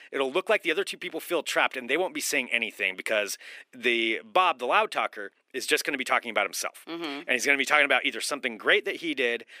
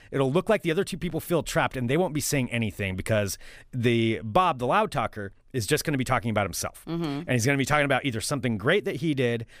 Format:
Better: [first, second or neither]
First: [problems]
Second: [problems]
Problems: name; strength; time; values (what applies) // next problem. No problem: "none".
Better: second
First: thin; somewhat; fading below 300 Hz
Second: none